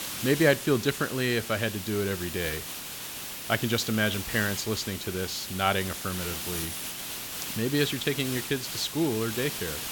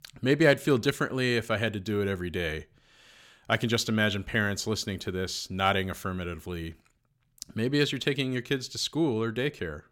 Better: second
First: hiss; loud; throughout; 6 dB below the speech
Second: none

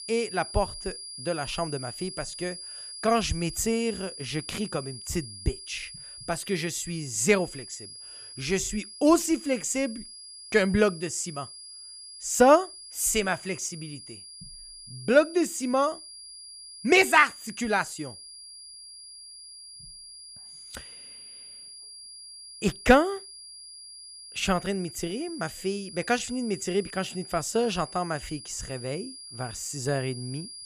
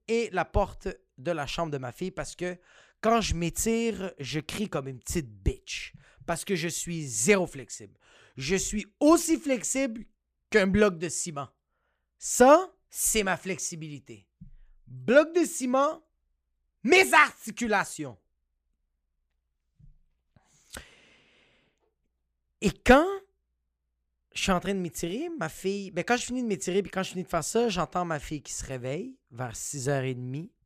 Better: second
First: high-pitched whine; noticeable; throughout; 5 kHz, 15 dB below the speech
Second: none

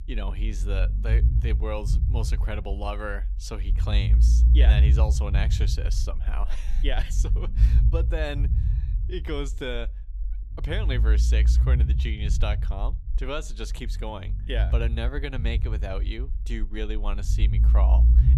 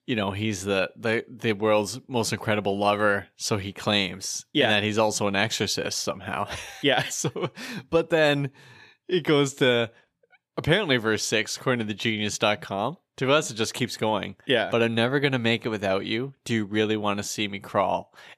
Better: second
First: low rumble; loud; throughout; 7 dB below the speech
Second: none

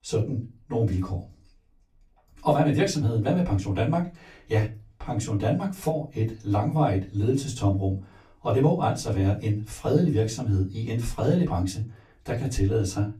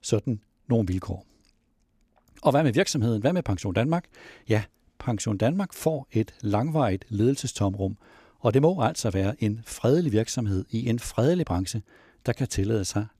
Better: second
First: off-mic speech; far // room echo; very slight; dies away in 0.2 s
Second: none

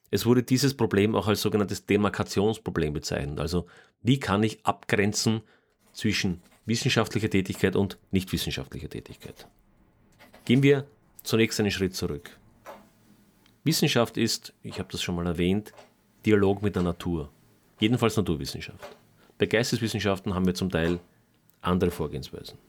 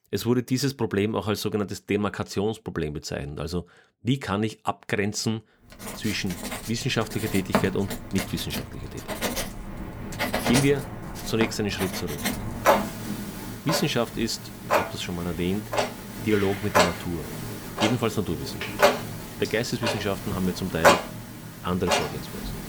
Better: first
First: household noises; faint; from 5.5 s on; 30 dB below the speech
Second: household noises; loud; from 5.5 s on; as loud as the speech

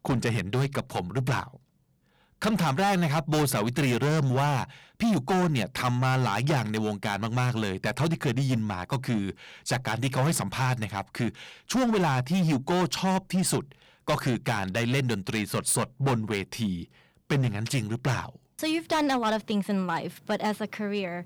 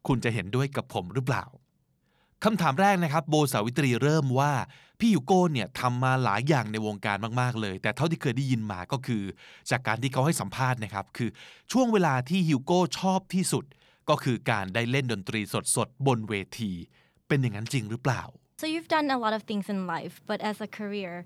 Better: second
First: distortion; heavy; 13% of the sound clipped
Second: none

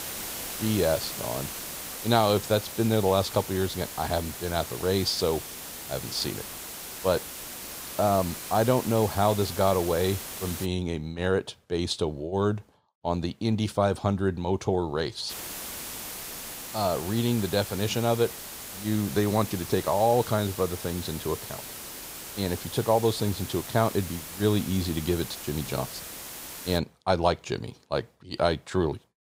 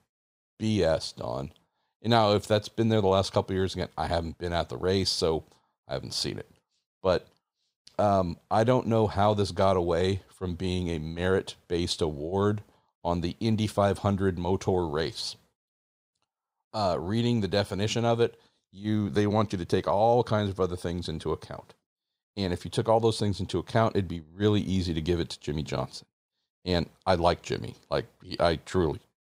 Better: second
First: hiss; loud; until 11 s and from 15 to 27 s; 9 dB below the speech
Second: none

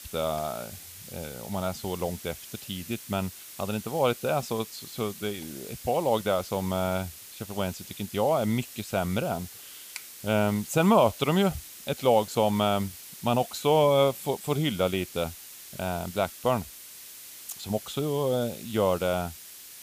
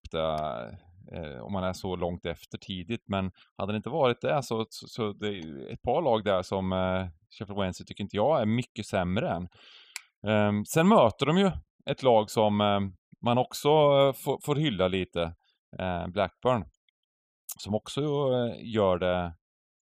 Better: second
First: hiss; noticeable; throughout; 15 dB below the speech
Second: none

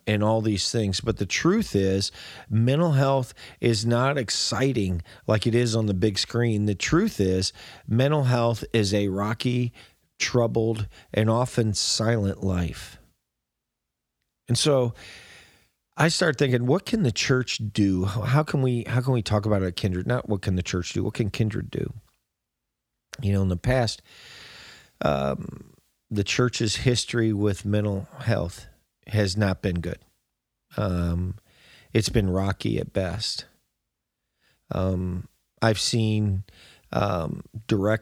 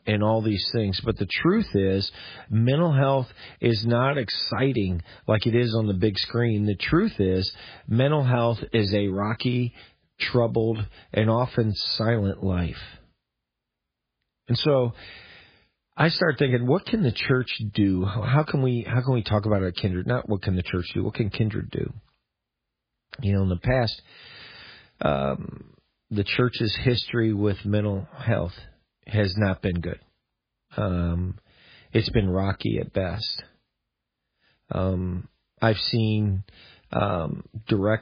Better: first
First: none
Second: garbled, watery; badly

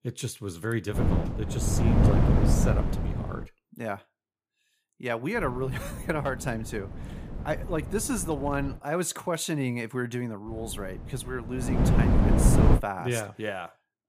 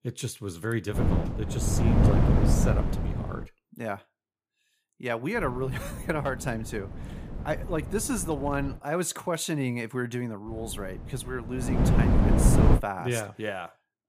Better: neither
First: wind noise on the microphone; heavy; from 1 to 3.5 s, from 5.5 to 9 s and from 10 to 13 s; 1 dB above the speech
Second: wind noise on the microphone; heavy; from 1 to 3.5 s, from 5.5 to 9 s and from 10 to 13 s; 1 dB above the speech

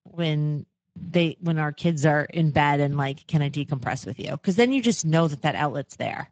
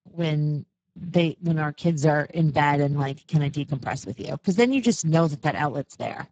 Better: first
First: garbled, watery; slightly; nothing above 7.5 kHz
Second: garbled, watery; badly; nothing above 7.5 kHz

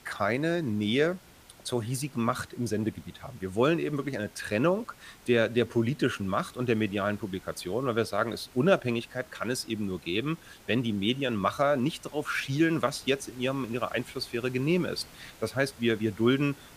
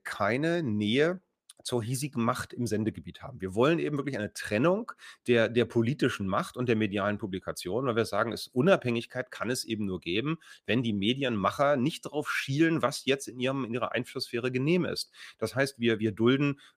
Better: second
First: hiss; faint; throughout; 25 dB below the speech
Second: none

